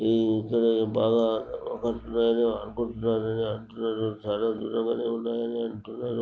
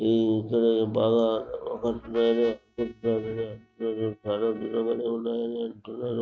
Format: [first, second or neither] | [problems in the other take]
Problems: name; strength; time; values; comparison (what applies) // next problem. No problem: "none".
first | noise reduction (neural mask model RNNoise)